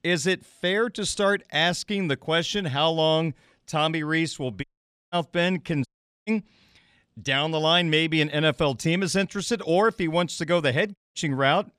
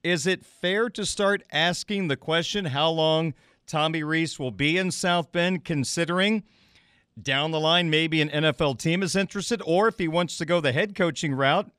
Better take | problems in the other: second | audio cutting out; at 4.5 s, at 6 s and at 11 s

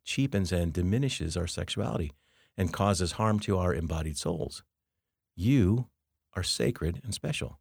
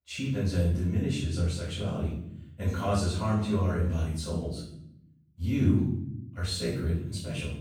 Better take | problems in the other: first | off-mic speech; far // room echo; noticeable; dies away in 0.8 s

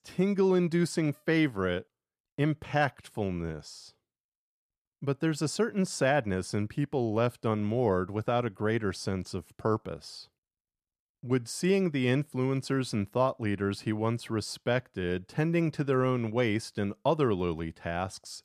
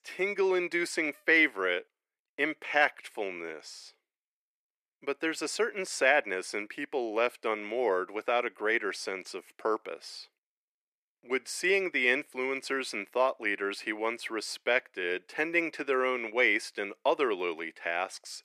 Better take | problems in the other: first | thin; very; fading below 350 Hz

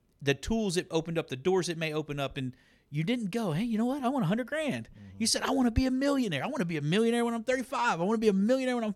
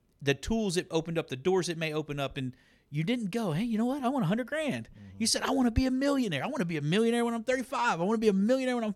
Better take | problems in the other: neither | none

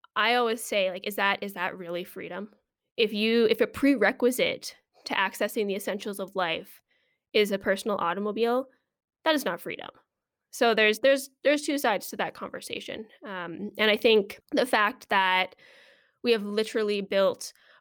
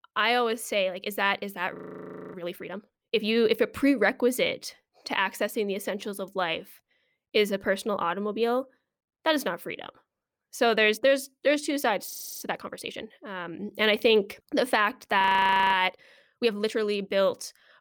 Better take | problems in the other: first | audio freezing; at 2 s for 0.5 s, at 12 s and at 15 s for 0.5 s

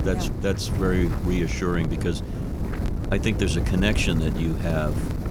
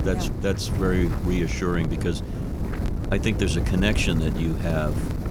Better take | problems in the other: neither | wind noise on the microphone; heavy; 7 dB below the speech; the same in both

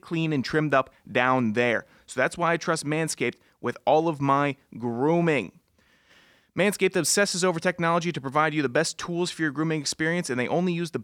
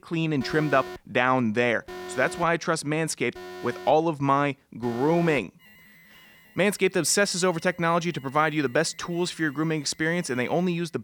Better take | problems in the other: first | alarms or sirens; noticeable; throughout; 20 dB below the speech

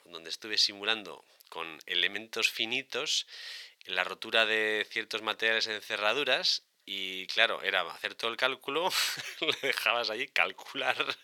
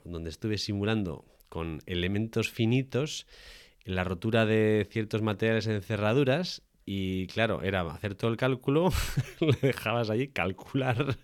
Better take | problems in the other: second | thin; very; fading below 750 Hz

